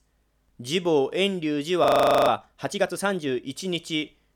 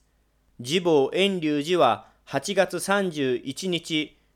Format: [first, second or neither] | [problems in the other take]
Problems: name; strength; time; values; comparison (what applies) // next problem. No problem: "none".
second | audio freezing; at 2 s